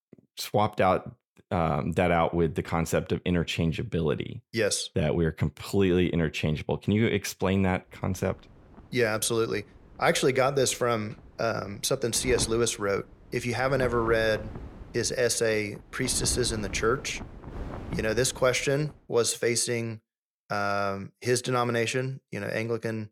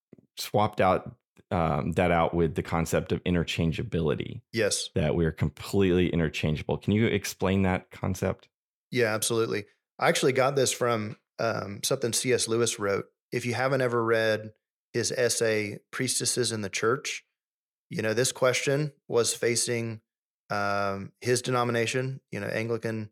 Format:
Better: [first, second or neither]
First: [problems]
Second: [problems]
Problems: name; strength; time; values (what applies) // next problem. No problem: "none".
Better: second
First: wind noise on the microphone; occasional gusts; from 8 to 19 s; 20 dB below the speech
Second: none